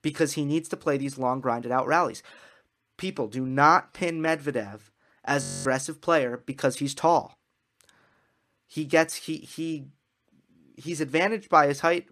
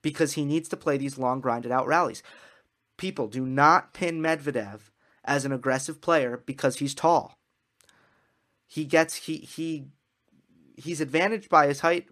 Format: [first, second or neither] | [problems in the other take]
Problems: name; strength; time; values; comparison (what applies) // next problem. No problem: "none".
second | audio freezing; at 5.5 s